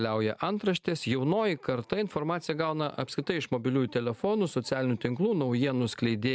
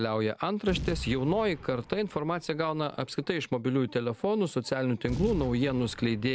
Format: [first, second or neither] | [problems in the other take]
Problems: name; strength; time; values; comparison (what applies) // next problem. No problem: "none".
first | background sound (Boom); 13 dB below the speech